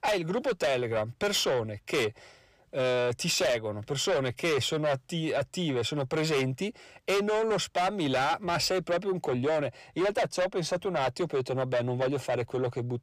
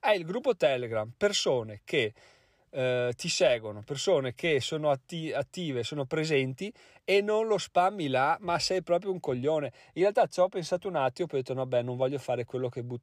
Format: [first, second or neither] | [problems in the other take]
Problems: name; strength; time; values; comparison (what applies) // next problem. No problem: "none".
second | distortion; heavy; 7 dB below the speech